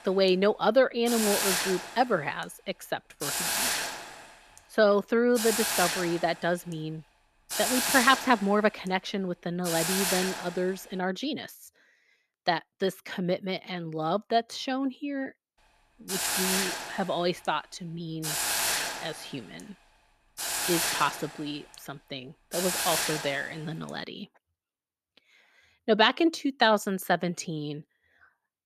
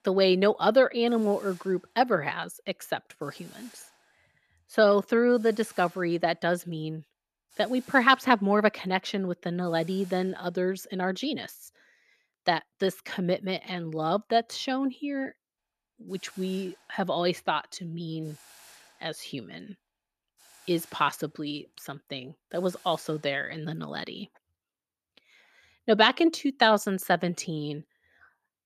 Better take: second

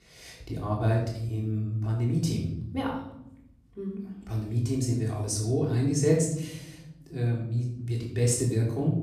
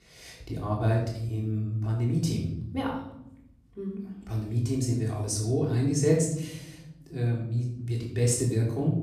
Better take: neither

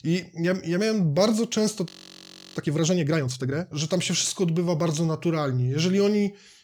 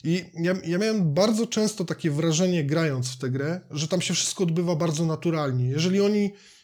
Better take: second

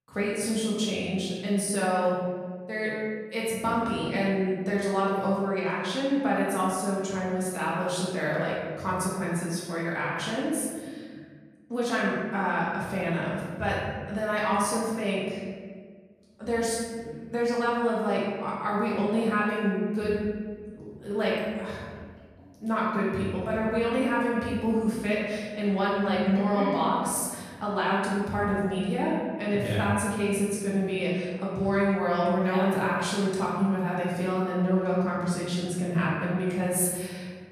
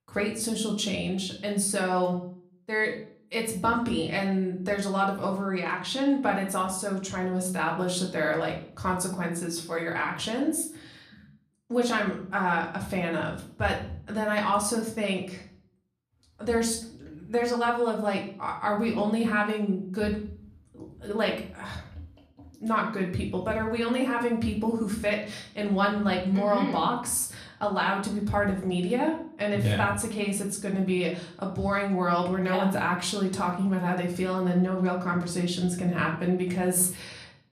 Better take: second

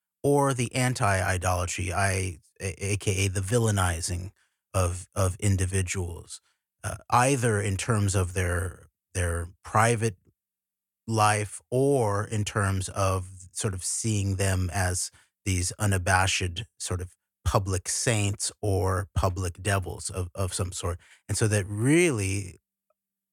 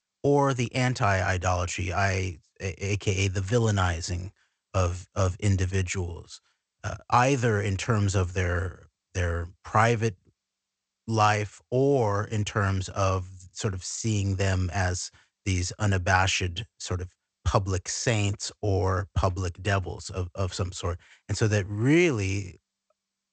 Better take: first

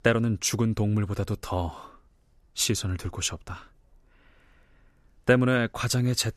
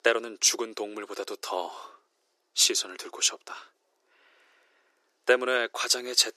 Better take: first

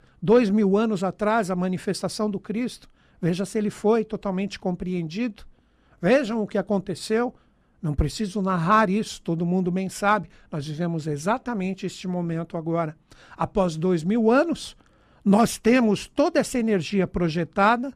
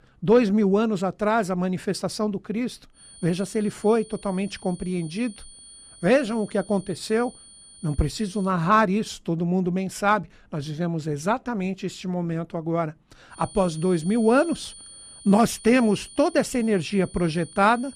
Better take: first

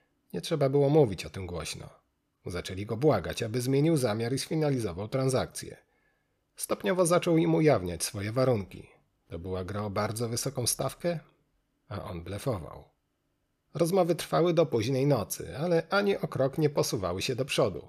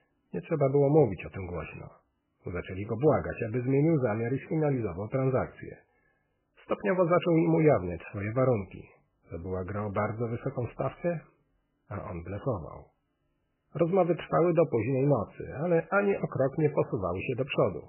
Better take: first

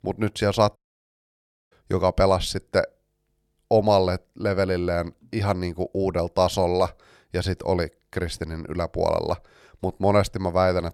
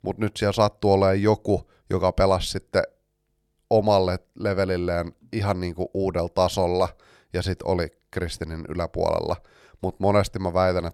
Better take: second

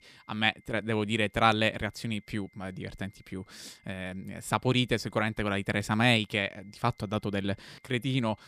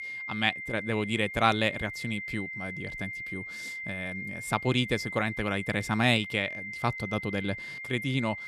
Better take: first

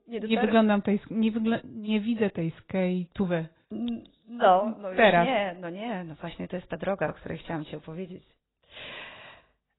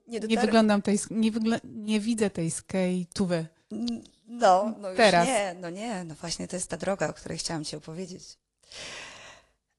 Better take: second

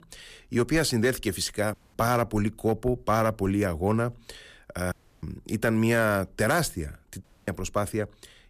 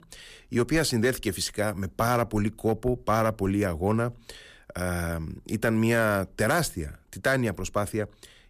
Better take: second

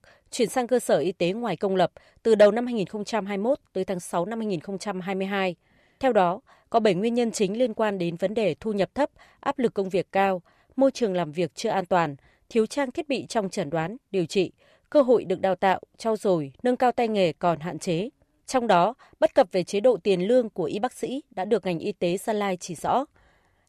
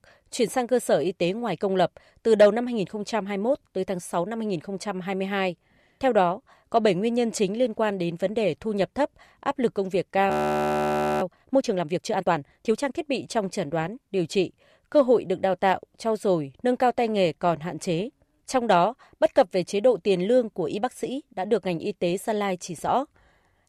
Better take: first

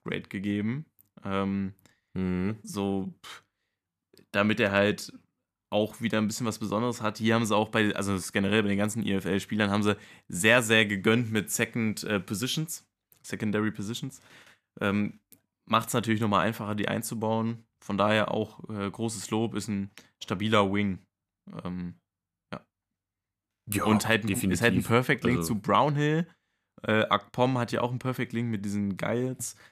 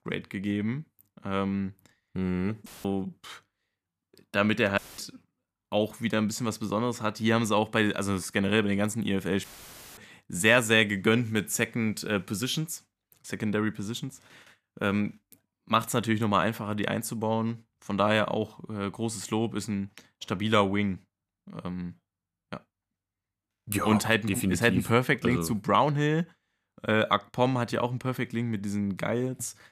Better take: first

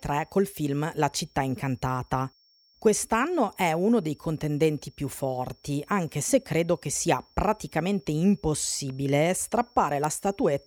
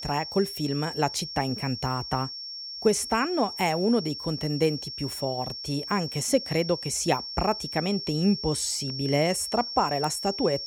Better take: first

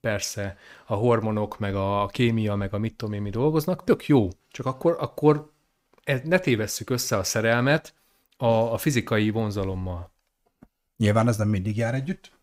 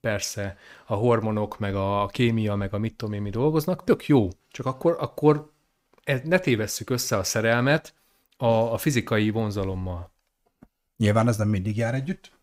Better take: neither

